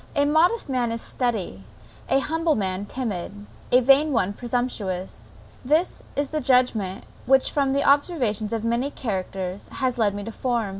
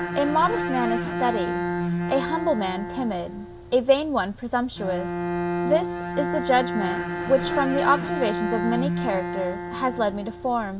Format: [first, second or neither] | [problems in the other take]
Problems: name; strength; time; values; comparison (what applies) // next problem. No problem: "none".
first | background sound (Bowed string instrument); 3 dB below the speech